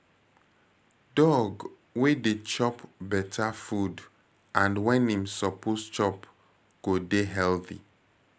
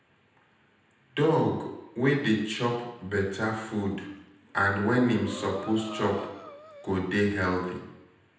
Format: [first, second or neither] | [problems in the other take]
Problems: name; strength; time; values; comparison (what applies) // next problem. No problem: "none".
first | background sound (Breathing); 15 dB below the speech // room echo; dies away in 0.8 s